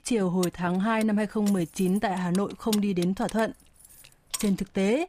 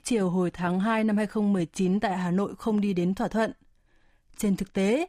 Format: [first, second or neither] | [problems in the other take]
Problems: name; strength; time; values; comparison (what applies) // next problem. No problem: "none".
second | jangling keys; noticeable; until 4.5 s; peak 8 dB below the speech